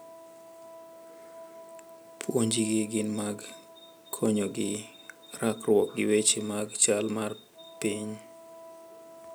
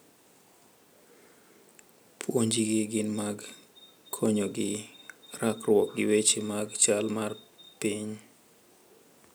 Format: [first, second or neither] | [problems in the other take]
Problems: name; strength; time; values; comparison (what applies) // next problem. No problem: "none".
second | background sound (Wind instrument, woodwind instrument); 20 dB below the speech